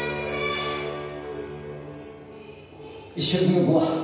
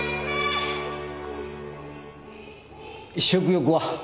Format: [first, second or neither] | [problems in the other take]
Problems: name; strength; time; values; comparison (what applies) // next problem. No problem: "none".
second | room echo; dies away in 0.9 s